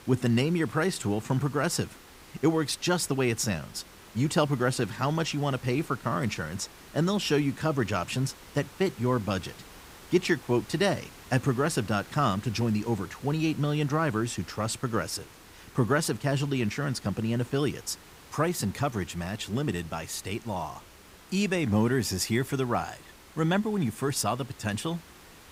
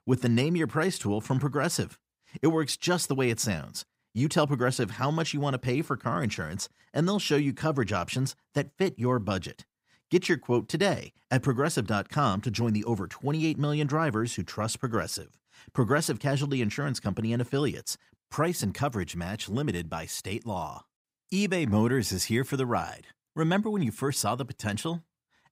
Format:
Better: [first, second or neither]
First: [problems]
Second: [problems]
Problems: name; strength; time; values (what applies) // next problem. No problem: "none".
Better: second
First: hiss; faint; throughout; 20 dB below the speech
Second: none